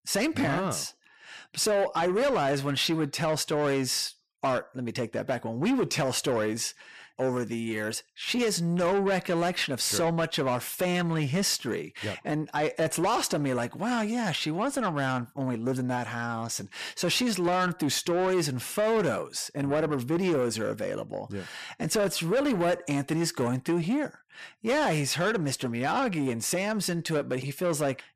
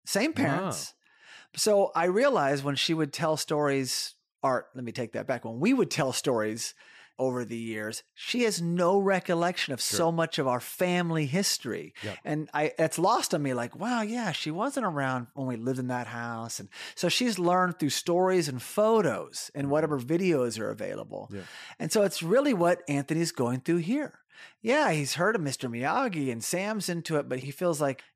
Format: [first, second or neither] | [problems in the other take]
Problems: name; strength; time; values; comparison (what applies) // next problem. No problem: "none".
second | distortion; slight; 10 dB below the speech